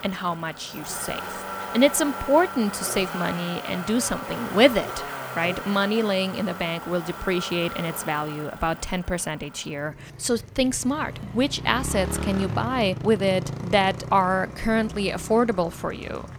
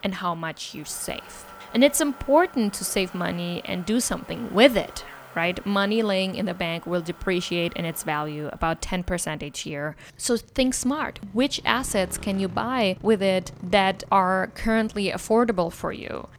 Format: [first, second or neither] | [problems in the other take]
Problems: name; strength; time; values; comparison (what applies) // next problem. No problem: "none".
second | traffic noise; loud; throughout; 10 dB below the speech; faint in the second